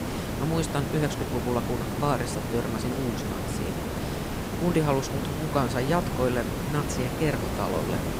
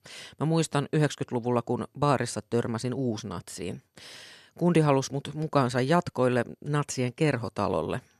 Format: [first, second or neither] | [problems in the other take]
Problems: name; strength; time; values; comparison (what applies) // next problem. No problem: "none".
second | hiss; loud; throughout; 2 dB below the speech